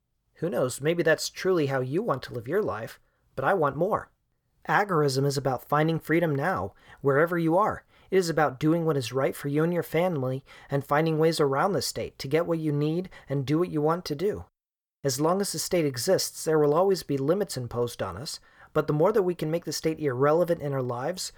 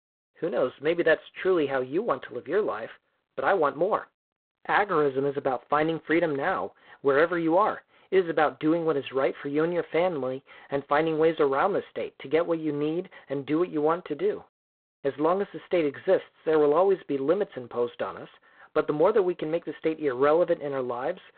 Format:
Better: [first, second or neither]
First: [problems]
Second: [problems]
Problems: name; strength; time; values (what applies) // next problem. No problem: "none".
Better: first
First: none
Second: phone-call audio; poor line; nothing above 4 kHz